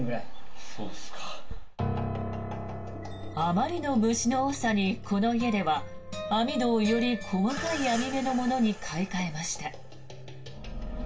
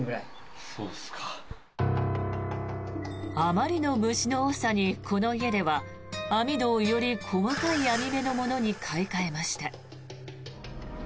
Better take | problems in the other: second | room echo; dies away in 0.3 s

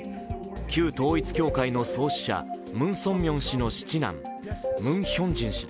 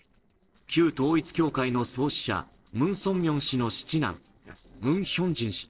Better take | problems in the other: first | noise reduction (neural separator model SepFormer DNS4)

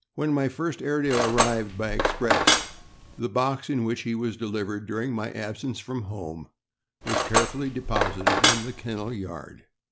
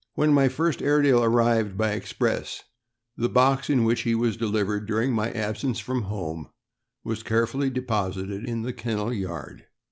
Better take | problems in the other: second | background sound (Cutlery, silverware); 4 dB above the speech

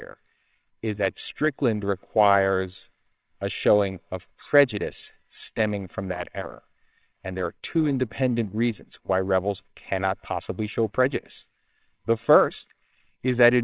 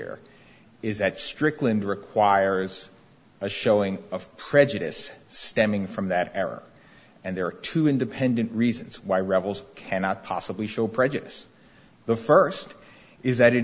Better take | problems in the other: second | noise reduction (neural separator model SepFormer WHAMR!)

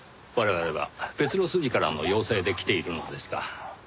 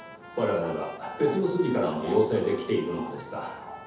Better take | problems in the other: first | background sound (Trumpet); 17 dB below the speech // room echo; dies away in 0.8 s

